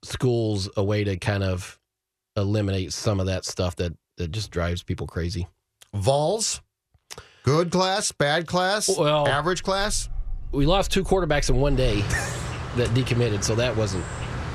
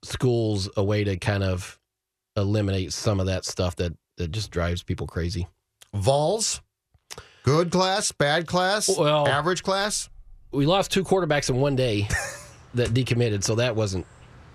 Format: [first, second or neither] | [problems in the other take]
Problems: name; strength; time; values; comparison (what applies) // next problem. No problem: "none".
second | animal sounds; loud; from 9.5 s on; 9 dB below the speech; faint in the second